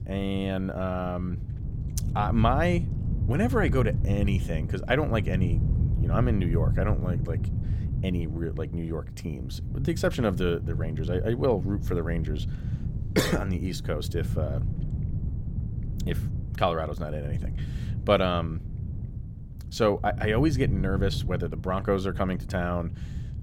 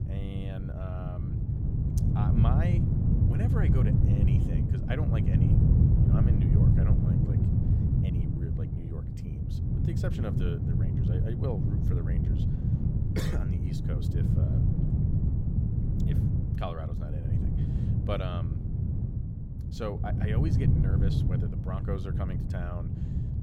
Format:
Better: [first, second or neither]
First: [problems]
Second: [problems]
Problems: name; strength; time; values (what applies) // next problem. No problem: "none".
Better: first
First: wind noise on the microphone; occasional gusts; 15 dB below the speech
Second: wind noise on the microphone; heavy; 2 dB above the speech